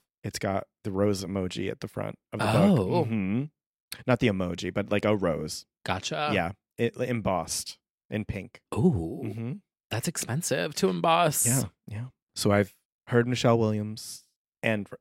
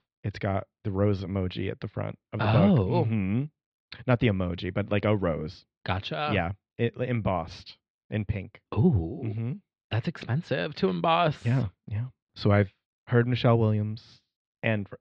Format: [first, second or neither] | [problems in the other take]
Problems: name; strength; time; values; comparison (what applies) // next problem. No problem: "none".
first | muffled; slightly; fading above 4 kHz